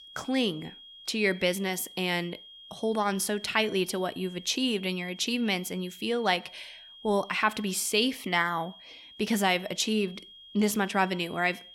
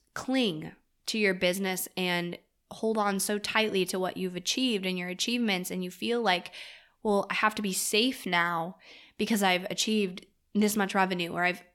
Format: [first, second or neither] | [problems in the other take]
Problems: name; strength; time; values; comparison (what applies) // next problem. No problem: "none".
second | high-pitched whine; noticeable; throughout; 3.5 kHz, 20 dB below the speech